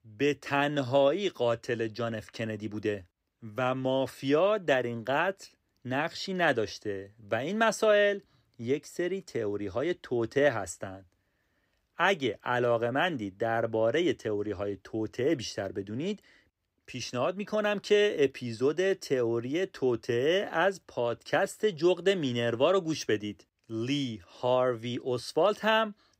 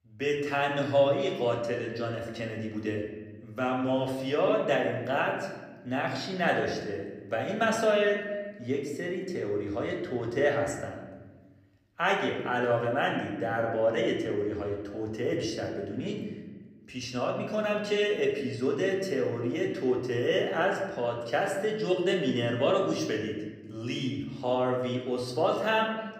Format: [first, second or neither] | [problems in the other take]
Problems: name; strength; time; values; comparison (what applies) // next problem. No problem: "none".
first | room echo; slight; dies away in 1.2 s // off-mic speech; somewhat distant